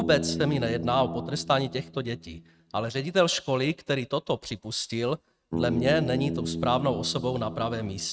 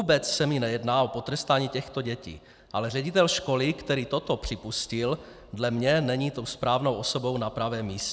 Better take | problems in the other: second | noise reduction (neural mask model RNNoise)

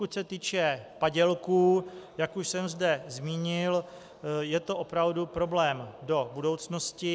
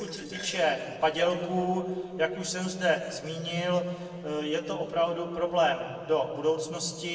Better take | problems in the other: first | noise reduction (neural separator model SepFormer DNS4)

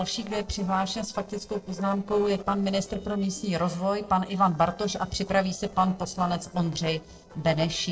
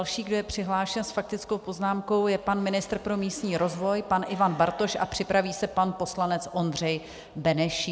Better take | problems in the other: second | noise reduction (neural separator model SepFormer DNS4)

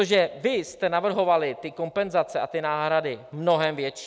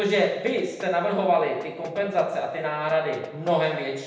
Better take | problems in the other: first | background sound (Knock); 19 dB below the speech // room echo; dies away in 0.9 s

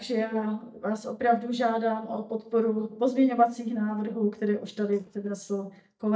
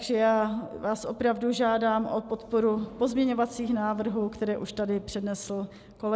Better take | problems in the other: second | noise reduction (neural mask model DeepFilterNet 3)

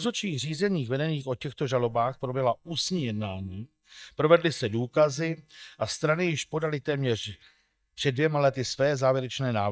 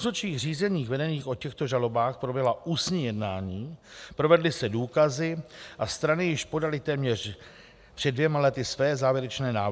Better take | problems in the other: second | noise reduction (neural mask model DeepFilterNet 3)

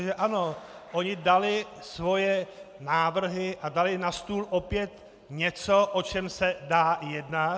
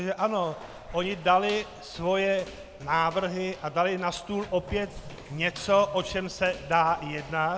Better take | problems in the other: first | background sound (Sliding door + Walk, footsteps); 18 dB below the speech

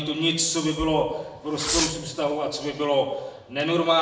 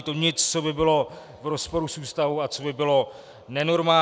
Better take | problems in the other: second | background sound (Fireworks); 6 dB below the speech // room echo; dies away in 0.8 s

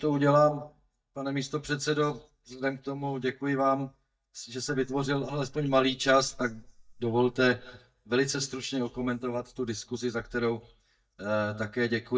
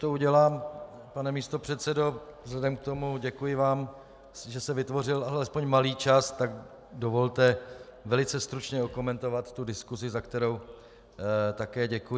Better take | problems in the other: second | noise reduction (neural mask model DeepFilterNet 3)

